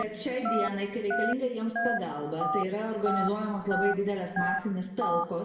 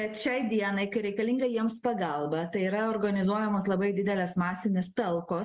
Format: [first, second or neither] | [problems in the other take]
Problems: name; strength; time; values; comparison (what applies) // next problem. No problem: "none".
second | background sound (Telephone); 2 dB below the speech // room echo; dies away in 1.4 s